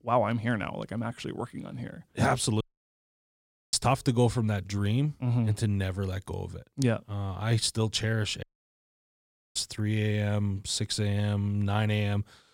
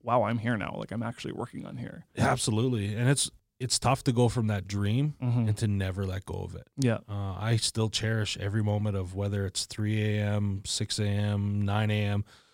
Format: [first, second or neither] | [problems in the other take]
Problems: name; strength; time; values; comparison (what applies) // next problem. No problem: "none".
second | audio cutting out; at 2.5 s for 1 s and at 8.5 s for 1 s